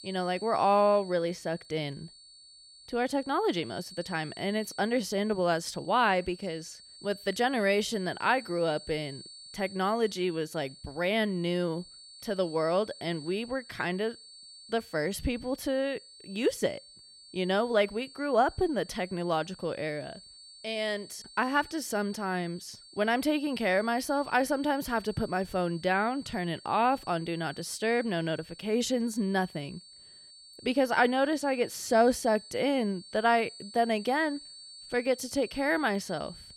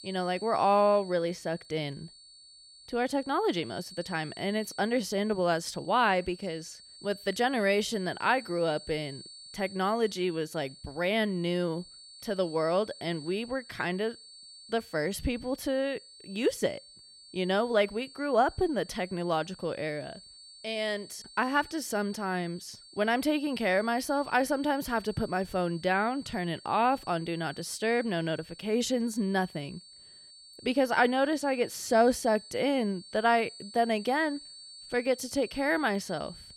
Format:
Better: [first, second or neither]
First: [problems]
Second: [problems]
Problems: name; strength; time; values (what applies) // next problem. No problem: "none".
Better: neither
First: high-pitched whine; noticeable; throughout; 4.5 kHz, 20 dB below the speech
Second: high-pitched whine; noticeable; throughout; 4.5 kHz, 20 dB below the speech